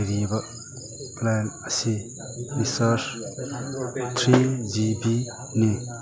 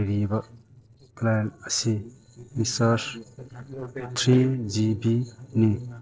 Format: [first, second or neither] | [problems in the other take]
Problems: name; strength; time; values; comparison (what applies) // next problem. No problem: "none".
first | noise reduction (neural separator model SepFormer DNS4)